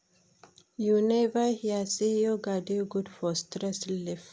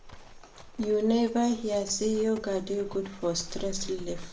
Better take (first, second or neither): first